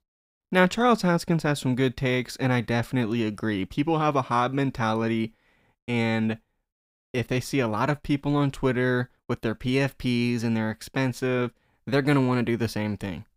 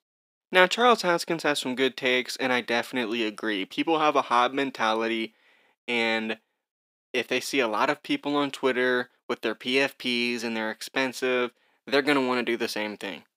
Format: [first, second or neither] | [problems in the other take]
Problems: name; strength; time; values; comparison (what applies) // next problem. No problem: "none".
first | thin; somewhat; fading below 300 Hz